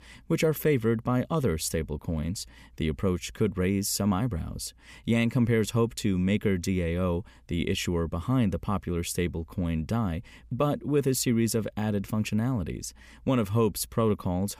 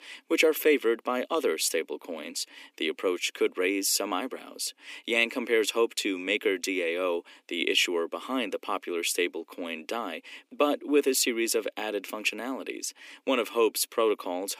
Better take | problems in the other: first | thin; somewhat; fading below 300 Hz

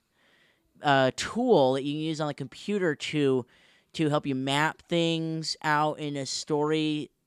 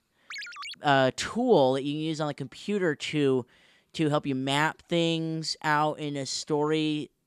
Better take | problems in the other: first | phone ringing; noticeable; at 0.5 s; peak 10 dB below the speech

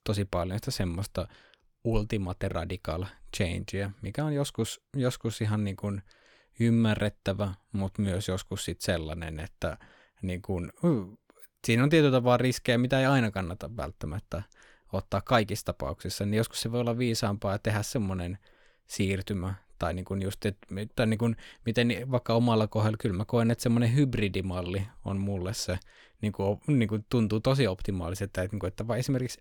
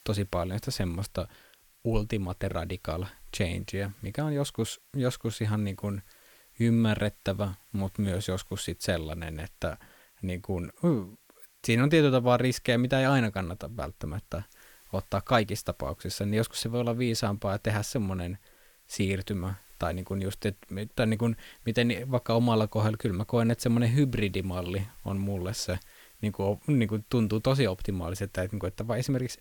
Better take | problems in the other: first | hiss; faint; throughout; 25 dB below the speech

